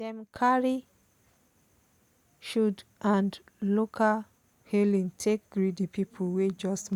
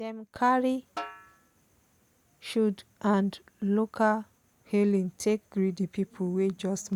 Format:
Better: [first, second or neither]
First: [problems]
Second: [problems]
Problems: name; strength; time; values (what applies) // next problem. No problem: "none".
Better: first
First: none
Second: background sound (Snare drum); 16 dB below the speech